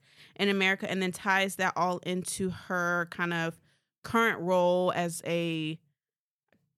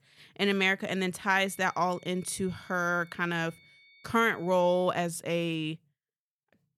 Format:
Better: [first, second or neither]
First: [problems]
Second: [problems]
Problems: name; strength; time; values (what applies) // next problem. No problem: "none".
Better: first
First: none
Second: high-pitched whine; faint; from 1.5 to 5 s; 2 kHz, 30 dB below the speech